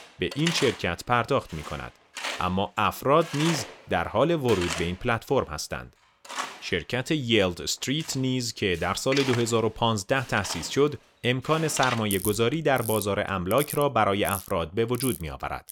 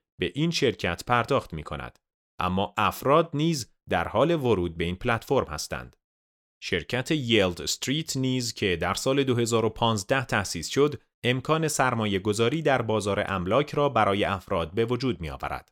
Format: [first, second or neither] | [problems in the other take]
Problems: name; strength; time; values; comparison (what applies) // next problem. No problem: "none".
second | machinery noise; loud; throughout; 9 dB below the speech